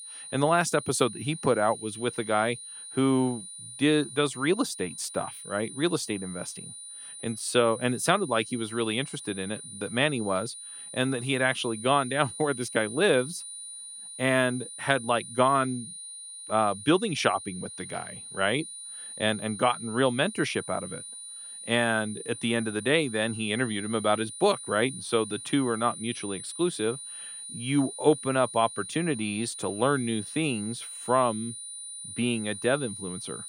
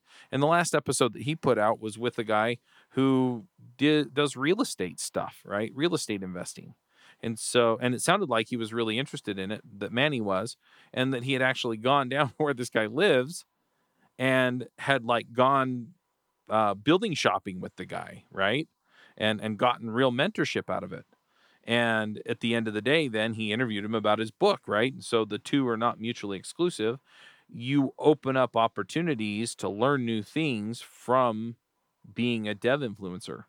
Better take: second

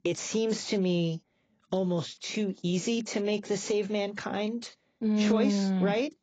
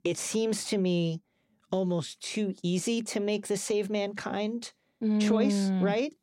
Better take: second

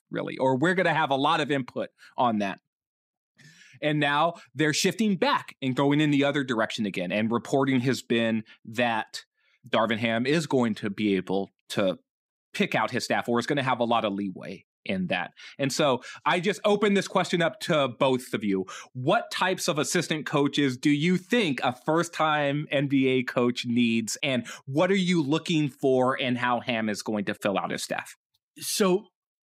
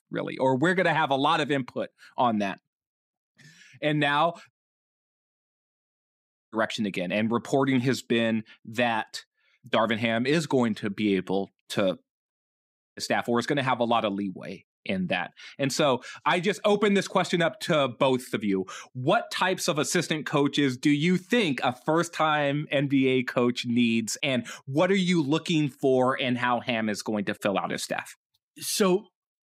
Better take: first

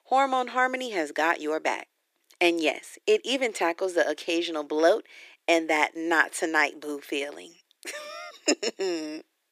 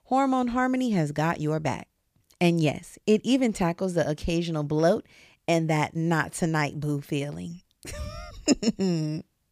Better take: second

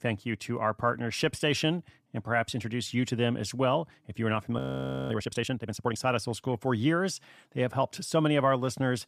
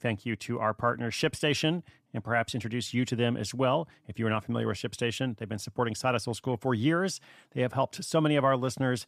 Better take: second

